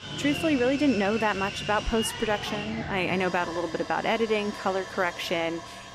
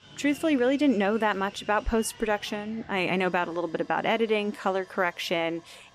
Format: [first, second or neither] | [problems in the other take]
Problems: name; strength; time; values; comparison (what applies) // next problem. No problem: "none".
second | machinery noise; loud; throughout; 8 dB below the speech; faint in the second